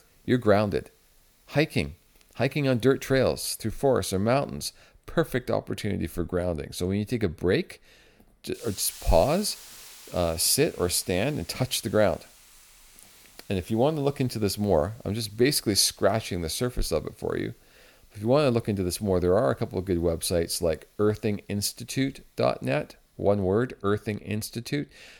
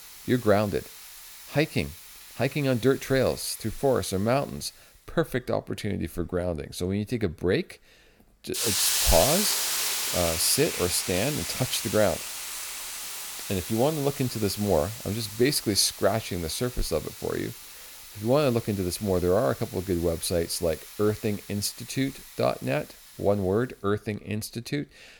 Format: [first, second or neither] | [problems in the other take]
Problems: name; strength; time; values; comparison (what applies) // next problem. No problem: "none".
first | hiss; loud; throughout; 4 dB below the speech; faint in the first